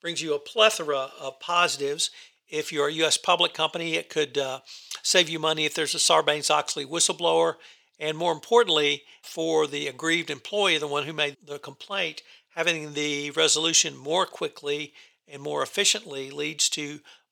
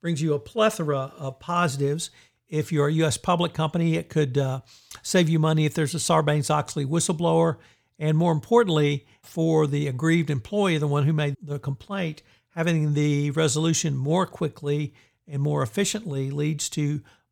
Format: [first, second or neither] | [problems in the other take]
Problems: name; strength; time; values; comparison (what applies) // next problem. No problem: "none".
second | thin; very; fading below 500 Hz